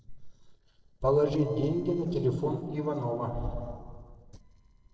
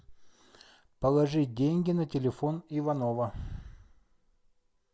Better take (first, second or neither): second